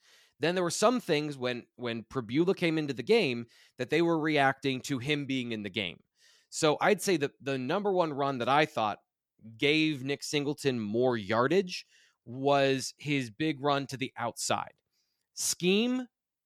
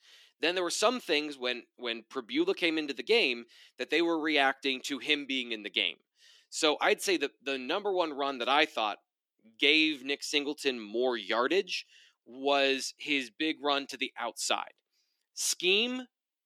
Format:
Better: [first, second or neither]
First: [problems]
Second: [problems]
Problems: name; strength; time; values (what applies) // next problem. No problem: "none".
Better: first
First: none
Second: thin; very slightly; fading below 300 Hz